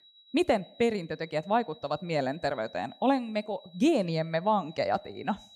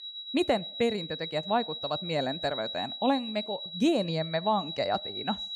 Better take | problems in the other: first | high-pitched whine; loud; throughout; 4 kHz, 6 dB below the speech; faint in the first

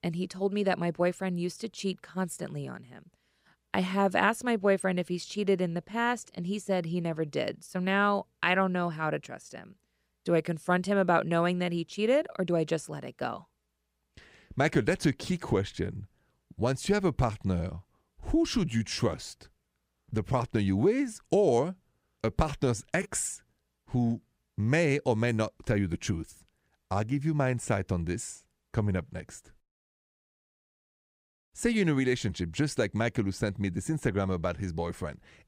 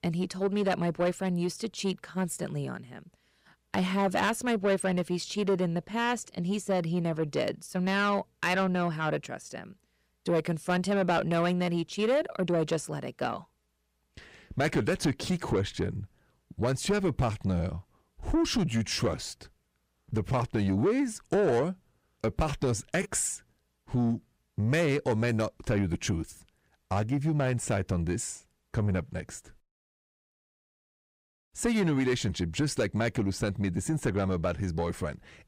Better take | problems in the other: first | distortion; slight; 10 dB below the speech

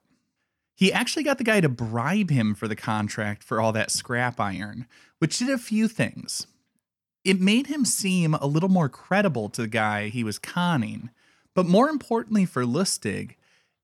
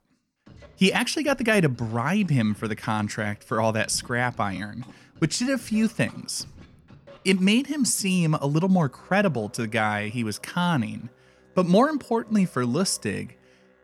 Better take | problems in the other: first | background music; faint; throughout; 25 dB below the speech

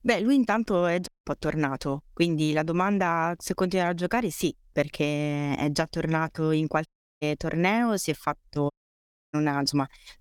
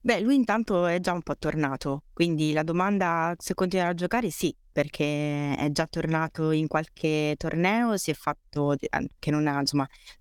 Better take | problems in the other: second | audio cutting out; at 1 s, at 7 s and at 8.5 s for 0.5 s

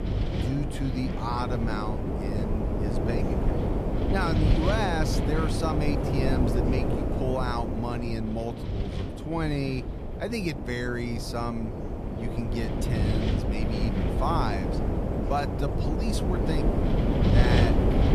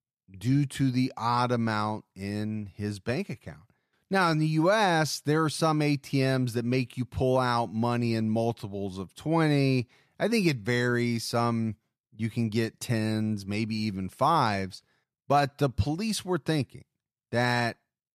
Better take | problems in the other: second | wind noise on the microphone; heavy; 1 dB below the speech

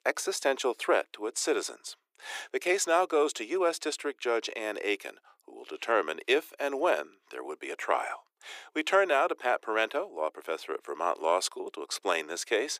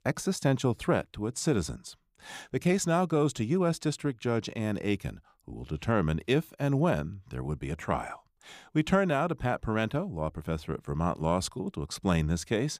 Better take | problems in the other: second | thin; very; fading below 350 Hz

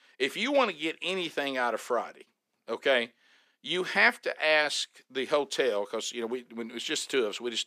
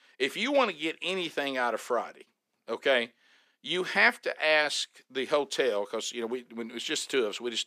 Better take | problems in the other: neither | thin; somewhat; fading below 400 Hz; the same in both

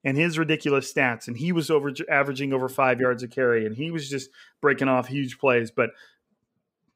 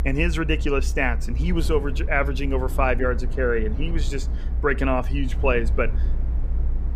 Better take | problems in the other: first | low rumble; noticeable; throughout; 20 dB below the speech

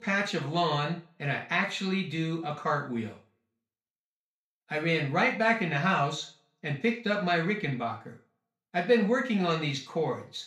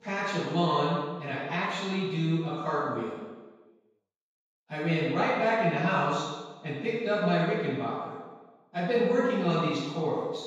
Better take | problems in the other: first | room echo; strong; dies away in 1.2 s; slight in the first // off-mic speech; far; far in the first

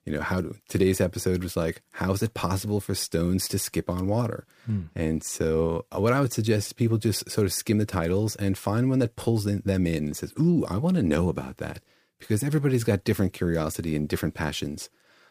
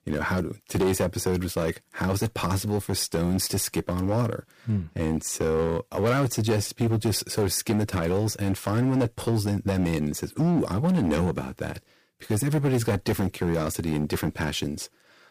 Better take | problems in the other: first | distortion; slight; 9% of the sound clipped

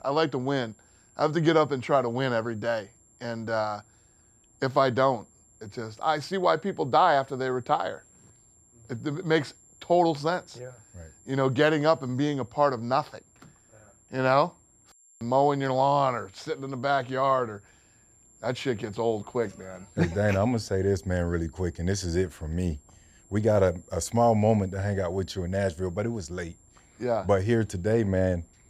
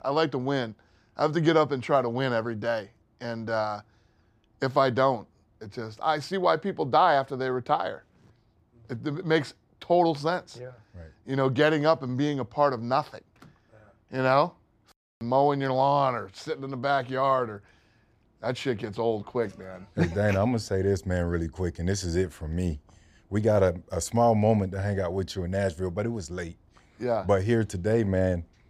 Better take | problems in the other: second | high-pitched whine; faint; throughout; 7.5 kHz, 30 dB below the speech

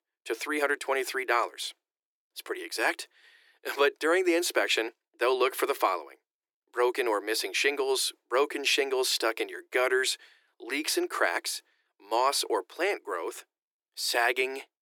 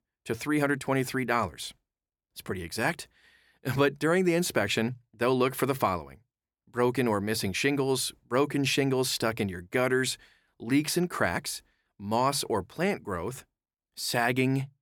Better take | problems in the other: second | thin; very; fading below 300 Hz

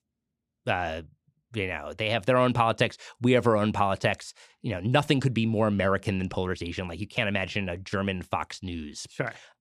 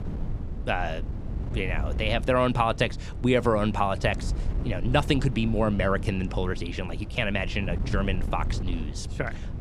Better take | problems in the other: first | wind noise on the microphone; occasional gusts; 15 dB below the speech

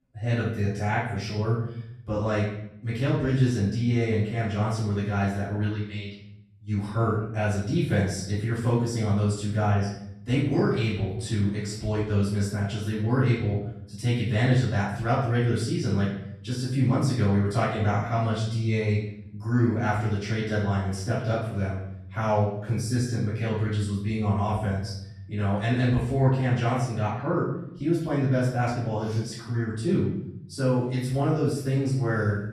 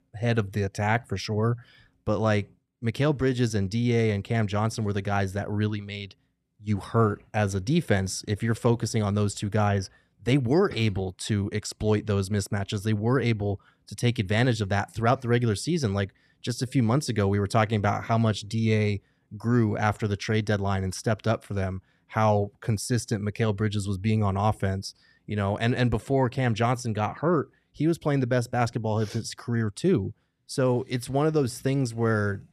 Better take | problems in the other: second | off-mic speech; far // room echo; noticeable; dies away in 0.7 s

